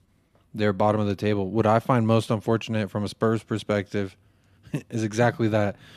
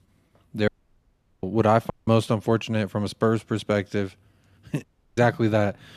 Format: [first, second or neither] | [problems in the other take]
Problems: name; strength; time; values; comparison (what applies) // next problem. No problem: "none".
first | audio cutting out; at 0.5 s for 0.5 s, at 2 s and at 5 s